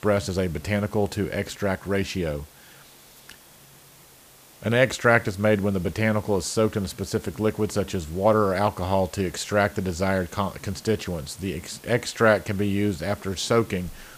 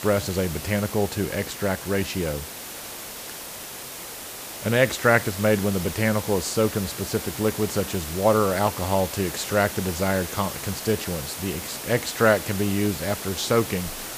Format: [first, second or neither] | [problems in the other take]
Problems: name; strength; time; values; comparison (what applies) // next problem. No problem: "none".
first | hiss; loud; throughout; 8 dB below the speech; faint in the first